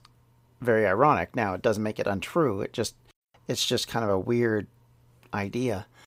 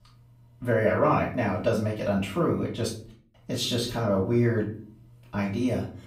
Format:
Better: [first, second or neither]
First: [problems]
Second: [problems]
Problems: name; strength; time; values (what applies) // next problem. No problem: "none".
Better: first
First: none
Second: off-mic speech; far // room echo; slight; dies away in 0.4 s